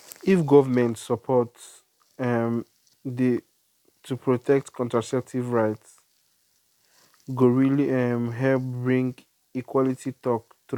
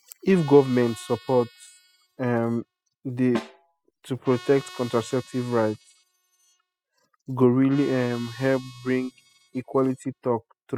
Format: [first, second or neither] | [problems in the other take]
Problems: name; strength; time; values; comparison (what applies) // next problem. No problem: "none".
first | noise reduction (classical method spectral subtraction)